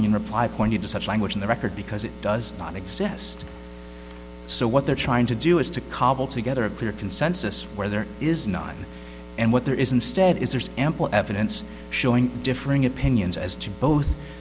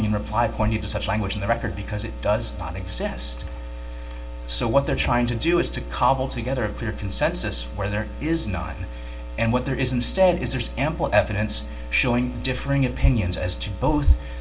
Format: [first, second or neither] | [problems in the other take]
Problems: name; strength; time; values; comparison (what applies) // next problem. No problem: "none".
first | room echo; dies away in 0.2 s